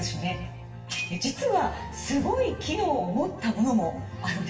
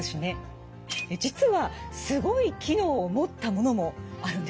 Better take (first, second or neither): second